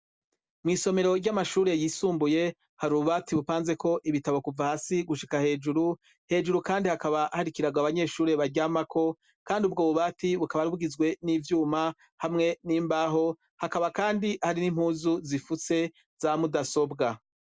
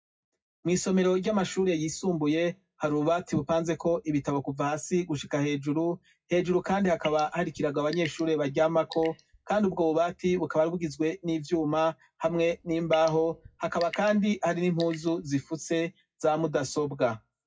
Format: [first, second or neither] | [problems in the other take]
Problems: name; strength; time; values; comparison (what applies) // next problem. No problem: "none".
first | noise reduction (classical method WPE with log-MMSE)